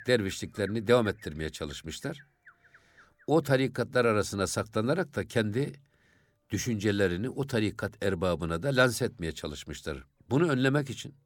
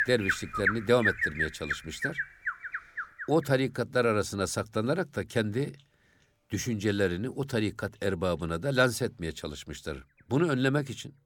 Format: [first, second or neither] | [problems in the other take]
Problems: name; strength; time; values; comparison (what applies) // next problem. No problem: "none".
first | animal sounds; loud; throughout; 2 dB below the speech; faint in the first